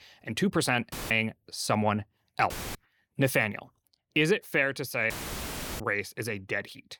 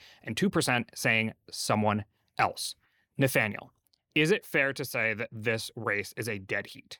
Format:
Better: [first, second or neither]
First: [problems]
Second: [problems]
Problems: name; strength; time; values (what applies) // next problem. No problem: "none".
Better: second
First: audio cutting out; filled with static; at 1 s, at 2.5 s and at 5 s for 0.5 s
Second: none